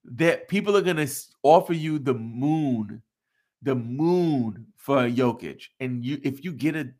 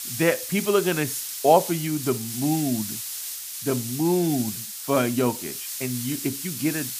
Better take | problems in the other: first | hiss; loud; throughout; 6 dB below the speech

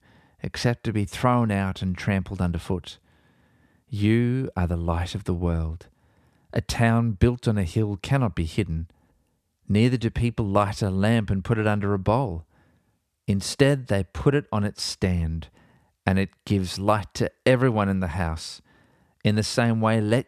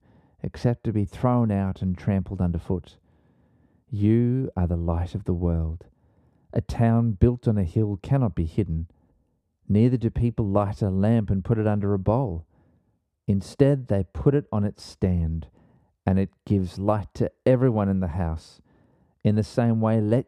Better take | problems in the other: first | muffled; slightly; fading above 1 kHz

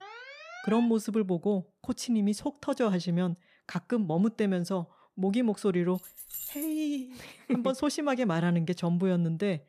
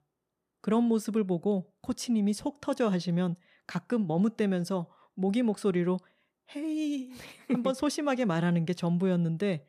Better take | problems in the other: second | alarm; faint; at the start; peak 15 dB below the speech // jangling keys; noticeable; at 6 s; peak 7 dB below the speech

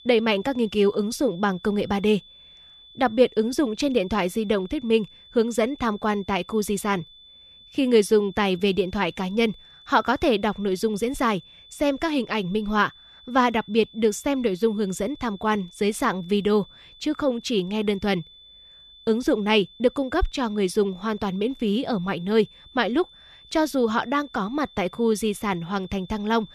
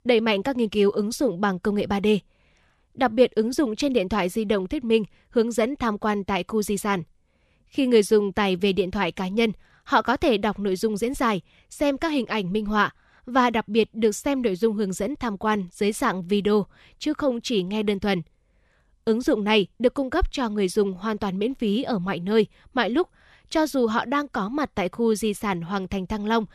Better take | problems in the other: second | high-pitched whine; faint; throughout; 3.5 kHz, 25 dB below the speech

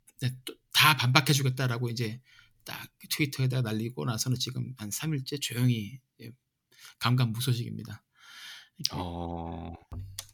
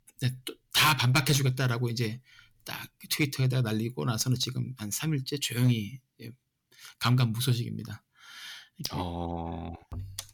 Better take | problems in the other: first | distortion; slight; 2% of the sound clipped

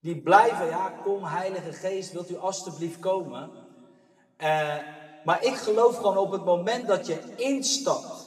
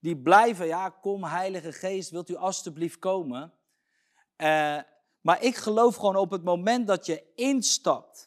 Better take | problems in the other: second | room echo; slight; dies away in 1.4 s // off-mic speech; somewhat distant

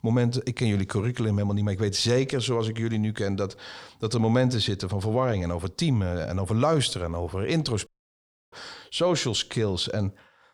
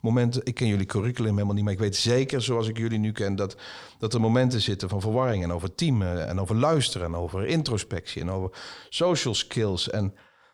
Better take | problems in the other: second | audio cutting out; at 8 s for 0.5 s

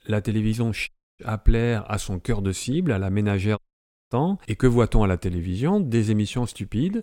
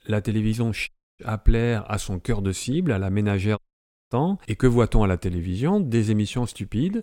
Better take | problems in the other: neither | audio cutting out; at 1 s and at 3.5 s for 0.5 s; the same in both

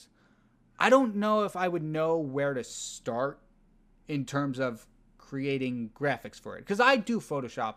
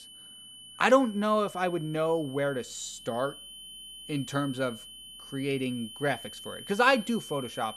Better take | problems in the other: first | high-pitched whine; noticeable; throughout; 3 kHz, 15 dB below the speech

